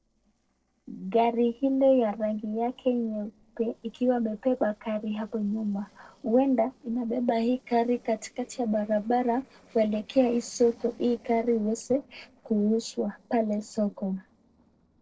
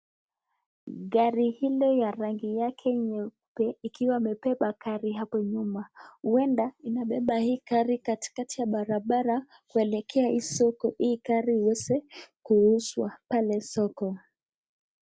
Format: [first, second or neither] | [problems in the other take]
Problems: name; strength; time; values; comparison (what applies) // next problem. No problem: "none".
second | noise reduction (neural separator model SepFormer DNS4)